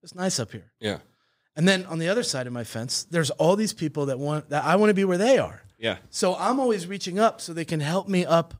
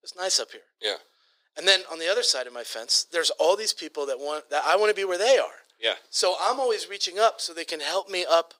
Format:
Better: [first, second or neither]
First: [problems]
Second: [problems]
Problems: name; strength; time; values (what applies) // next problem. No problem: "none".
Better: first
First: none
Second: thin; very; fading below 400 Hz